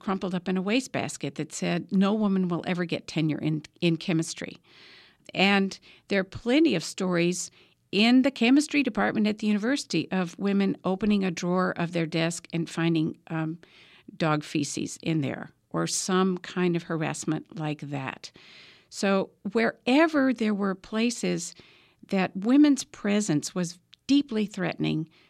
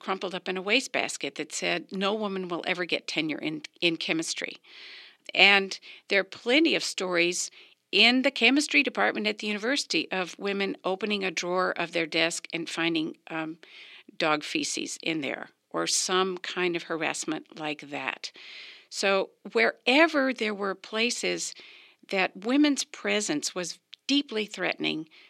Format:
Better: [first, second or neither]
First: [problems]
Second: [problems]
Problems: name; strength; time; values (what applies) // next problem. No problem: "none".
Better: first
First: none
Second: thin; somewhat; fading below 400 Hz